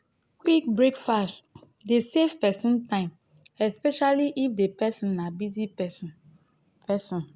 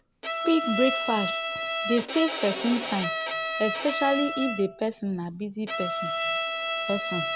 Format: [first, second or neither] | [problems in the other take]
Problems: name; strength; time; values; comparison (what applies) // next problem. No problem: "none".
first | background sound (Bowed string instrument); 2 dB below the speech